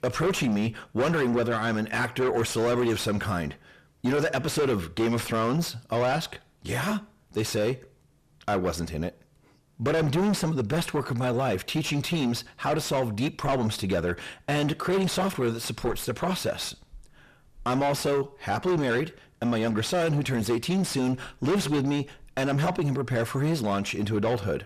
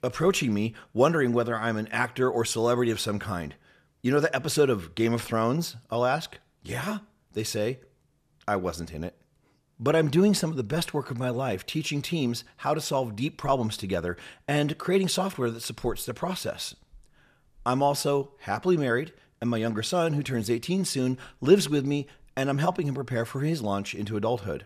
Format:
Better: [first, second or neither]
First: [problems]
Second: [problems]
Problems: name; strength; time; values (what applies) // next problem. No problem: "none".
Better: second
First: distortion; heavy; 6 dB below the speech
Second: none